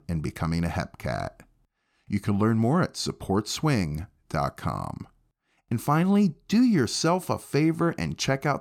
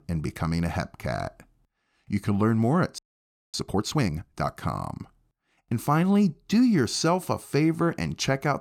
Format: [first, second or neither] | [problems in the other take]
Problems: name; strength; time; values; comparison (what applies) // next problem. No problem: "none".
first | audio freezing; at 3 s for 0.5 s